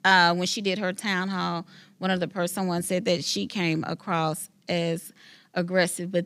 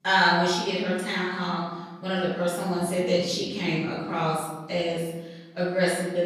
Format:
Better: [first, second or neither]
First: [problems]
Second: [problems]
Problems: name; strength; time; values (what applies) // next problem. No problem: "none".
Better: first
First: none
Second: room echo; noticeable; dies away in 1 s // off-mic speech; far